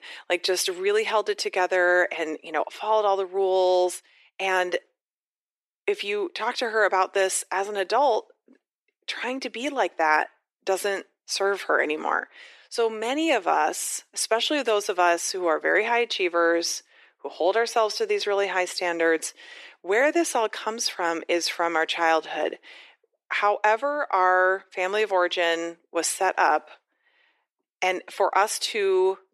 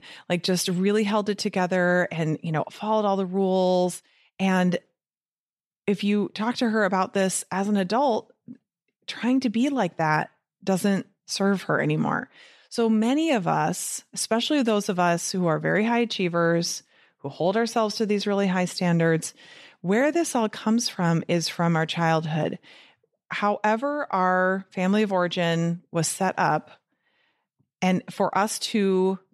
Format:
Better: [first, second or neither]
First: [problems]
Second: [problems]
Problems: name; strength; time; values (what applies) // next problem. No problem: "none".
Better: second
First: thin; very; fading below 350 Hz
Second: none